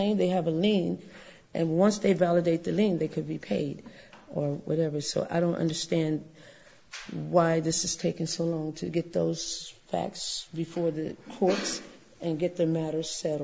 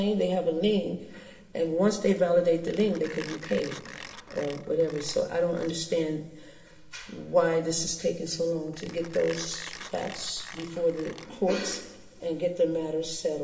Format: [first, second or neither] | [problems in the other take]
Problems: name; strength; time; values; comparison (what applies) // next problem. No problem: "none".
first | background sound (Mechanisms); 19 dB below the speech // room echo; dies away in 1.6 s